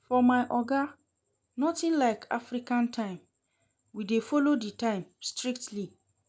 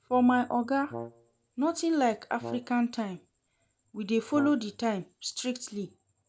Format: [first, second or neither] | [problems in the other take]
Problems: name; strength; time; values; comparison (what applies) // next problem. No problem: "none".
first | background sound (Brass instrument); 16 dB below the speech